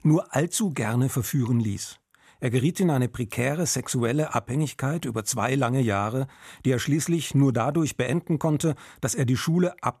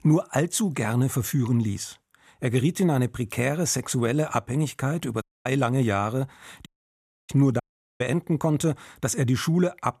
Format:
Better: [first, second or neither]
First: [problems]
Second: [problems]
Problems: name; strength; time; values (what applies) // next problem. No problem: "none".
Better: first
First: none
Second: audio cutting out; at 5 s, at 6.5 s for 0.5 s and at 7.5 s